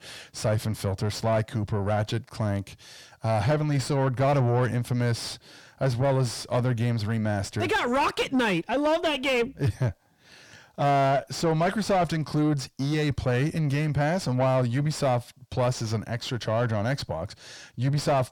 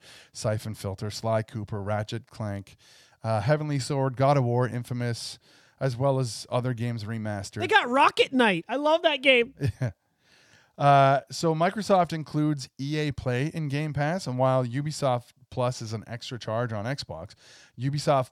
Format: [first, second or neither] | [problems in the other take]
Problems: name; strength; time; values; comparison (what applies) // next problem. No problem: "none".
second | distortion; heavy; 6 dB below the speech